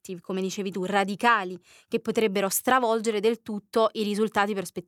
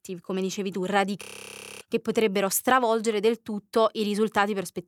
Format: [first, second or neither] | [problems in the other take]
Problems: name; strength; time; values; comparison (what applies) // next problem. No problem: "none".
first | audio freezing; at 1 s for 0.5 s